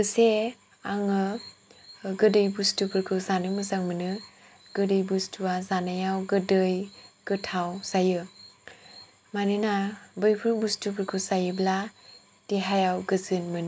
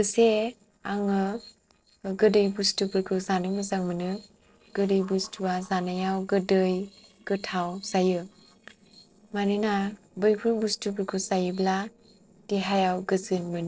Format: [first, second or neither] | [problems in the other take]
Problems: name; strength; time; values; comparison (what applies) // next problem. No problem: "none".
first | noise reduction (neural separator model SepFormer DNS4)